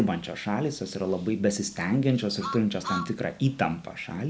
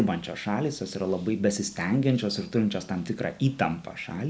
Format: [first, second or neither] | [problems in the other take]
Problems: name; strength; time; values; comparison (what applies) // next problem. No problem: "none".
second | background sound (Truck); 10 dB below the speech